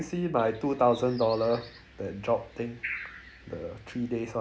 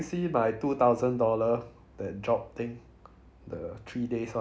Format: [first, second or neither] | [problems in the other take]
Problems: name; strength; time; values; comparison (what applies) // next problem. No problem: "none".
second | background sound (Bird); 15 dB below the speech